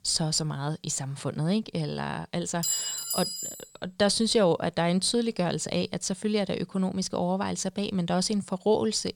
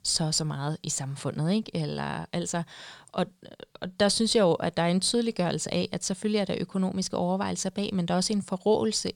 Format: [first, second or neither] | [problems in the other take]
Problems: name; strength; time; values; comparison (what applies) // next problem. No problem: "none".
second | clattering dishes; loud; at 2.5 s; peak 1 dB above the speech